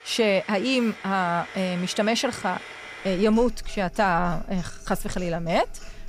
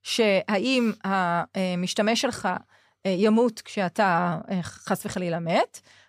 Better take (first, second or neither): second